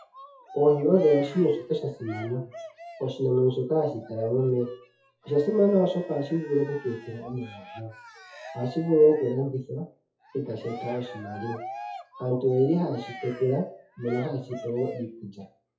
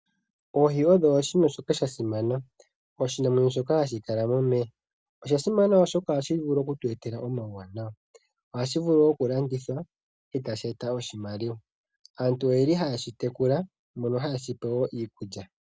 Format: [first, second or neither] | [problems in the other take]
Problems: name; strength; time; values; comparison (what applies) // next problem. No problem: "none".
second | noise reduction (classical method WPE with log-MMSE)